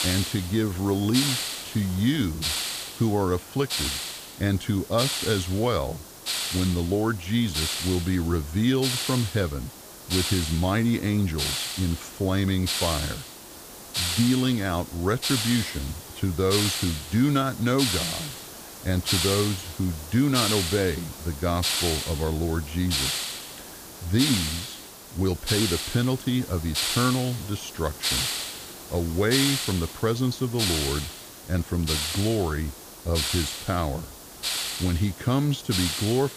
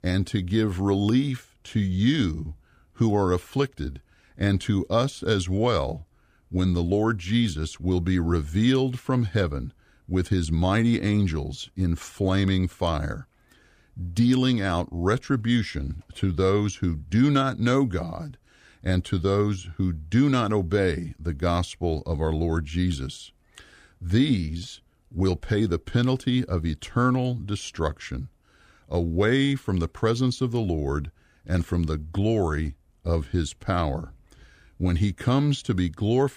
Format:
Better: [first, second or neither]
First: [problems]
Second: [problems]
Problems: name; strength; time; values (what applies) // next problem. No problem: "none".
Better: second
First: hiss; loud; throughout; 2 dB below the speech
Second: none